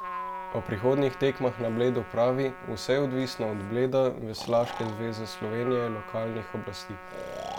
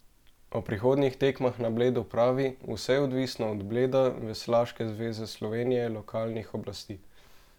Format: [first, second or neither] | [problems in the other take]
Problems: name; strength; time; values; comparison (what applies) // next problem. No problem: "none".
second | background sound (Trumpet + Breathing); 12 dB below the speech